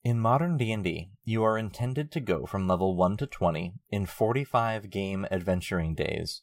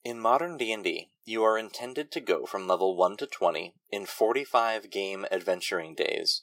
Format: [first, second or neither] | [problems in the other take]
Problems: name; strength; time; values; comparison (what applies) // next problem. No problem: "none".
first | thin; very; fading below 350 Hz